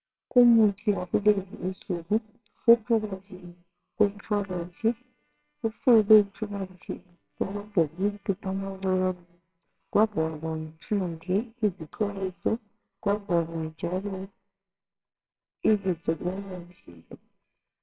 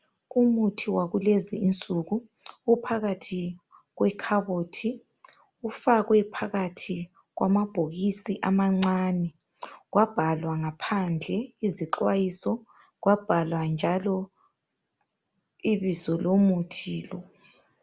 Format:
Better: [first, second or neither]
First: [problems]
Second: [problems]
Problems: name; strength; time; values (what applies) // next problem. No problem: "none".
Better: second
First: noise reduction (neural separator model SepFormer WHAMR!)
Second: none